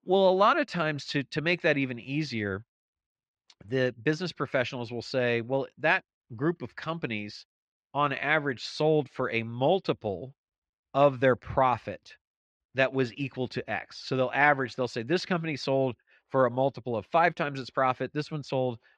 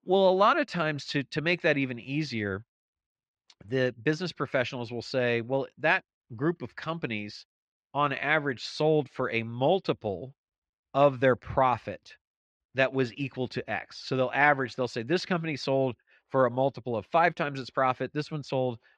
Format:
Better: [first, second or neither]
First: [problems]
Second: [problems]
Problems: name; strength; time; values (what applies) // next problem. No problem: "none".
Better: neither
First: muffled; slightly; fading above 2.5 kHz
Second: muffled; slightly; fading above 2.5 kHz